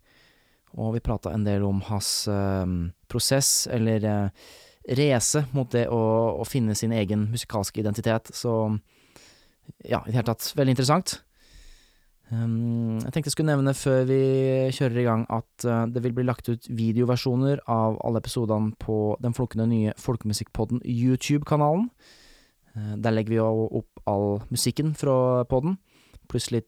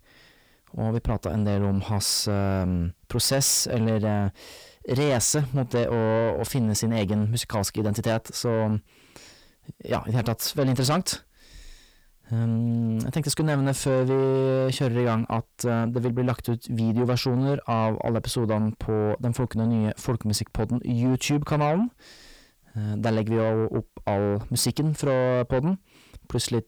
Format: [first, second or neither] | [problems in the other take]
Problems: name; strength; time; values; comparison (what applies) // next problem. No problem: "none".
first | distortion; slight; 10 dB below the speech